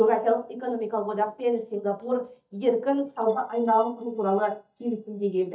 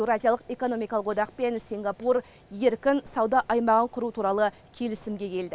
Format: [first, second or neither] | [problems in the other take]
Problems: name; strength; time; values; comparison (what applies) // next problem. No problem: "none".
second | noise reduction (neural mask model DeepFilterNet 3)